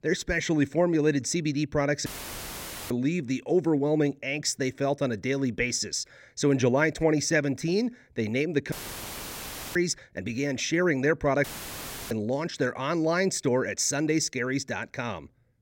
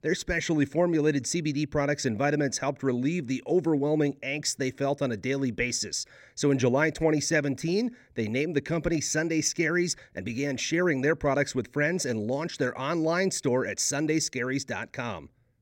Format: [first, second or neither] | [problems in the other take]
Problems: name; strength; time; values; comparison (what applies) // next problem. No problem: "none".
second | audio cutting out; filled with static; at 2 s for 1 s, at 8.5 s for 1 s and at 11 s for 0.5 s